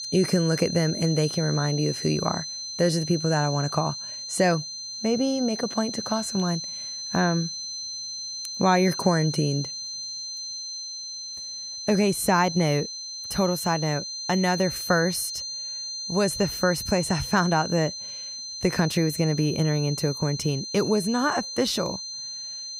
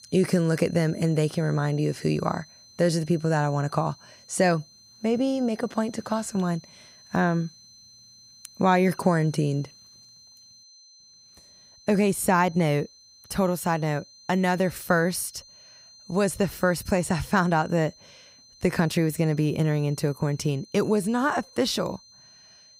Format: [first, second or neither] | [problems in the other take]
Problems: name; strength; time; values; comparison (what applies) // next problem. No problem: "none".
second | high-pitched whine; loud; throughout; 4 kHz, 6 dB below the speech; faint in the second